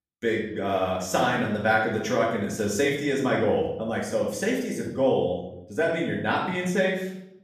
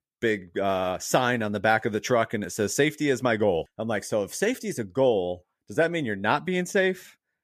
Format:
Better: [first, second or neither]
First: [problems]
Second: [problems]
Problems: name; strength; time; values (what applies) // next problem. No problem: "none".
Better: second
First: off-mic speech; far // room echo; noticeable; dies away in 0.7 s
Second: none